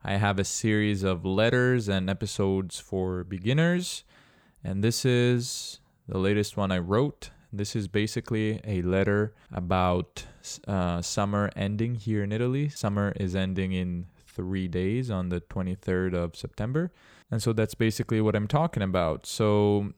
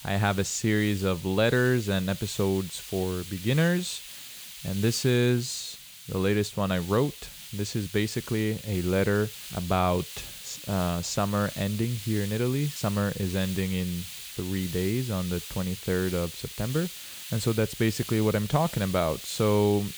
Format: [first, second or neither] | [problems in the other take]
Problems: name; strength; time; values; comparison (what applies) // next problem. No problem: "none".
first | hiss; noticeable; throughout; 10 dB below the speech